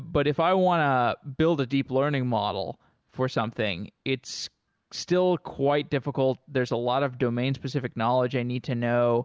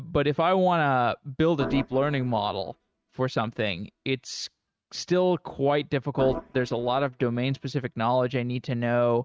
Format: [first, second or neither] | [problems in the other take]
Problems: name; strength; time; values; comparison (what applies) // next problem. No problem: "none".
first | noise reduction (neural mask model RNNoise)